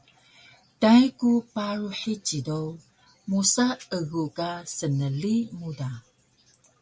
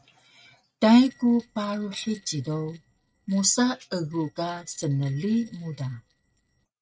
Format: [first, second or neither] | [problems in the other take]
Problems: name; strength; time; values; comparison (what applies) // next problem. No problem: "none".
first | noise reduction (neural mask model RNNoise)